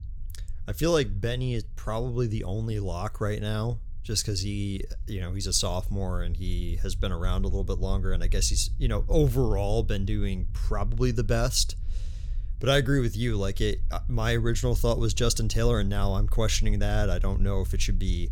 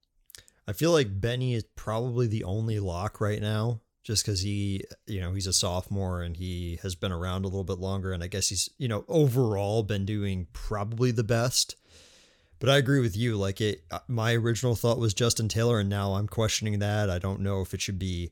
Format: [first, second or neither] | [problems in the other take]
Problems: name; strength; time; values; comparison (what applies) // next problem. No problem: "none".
second | low rumble; faint; throughout; 25 dB below the speech